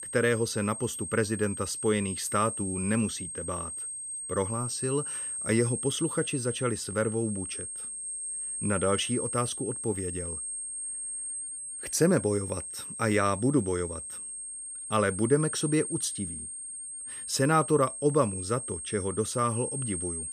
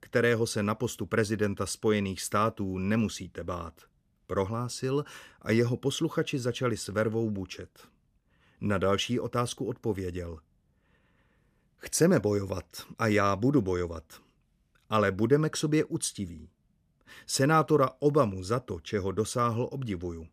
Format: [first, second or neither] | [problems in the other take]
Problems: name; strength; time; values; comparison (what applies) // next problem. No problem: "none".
second | high-pitched whine; loud; throughout; 8.5 kHz, 5 dB below the speech